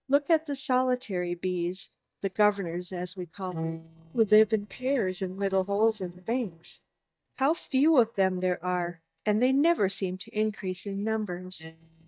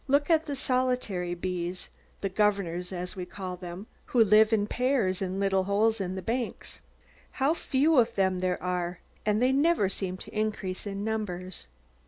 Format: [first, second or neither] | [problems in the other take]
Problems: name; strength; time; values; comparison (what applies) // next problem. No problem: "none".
second | noise reduction (neural mask model DeepFilterNet 3)